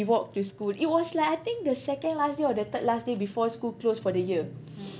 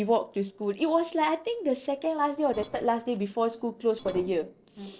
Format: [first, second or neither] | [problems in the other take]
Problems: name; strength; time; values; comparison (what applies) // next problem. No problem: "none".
first | noise reduction (neural separator model SepFormer DNS4)